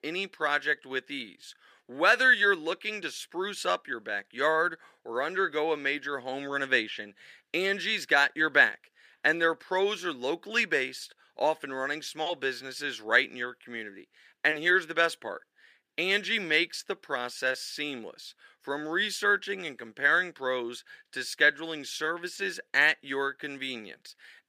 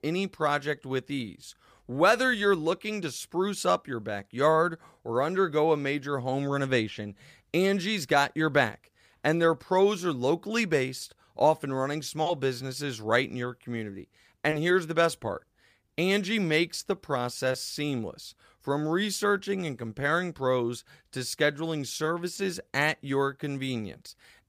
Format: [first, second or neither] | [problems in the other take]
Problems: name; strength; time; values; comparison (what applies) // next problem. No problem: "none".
second | thin; somewhat; fading below 350 Hz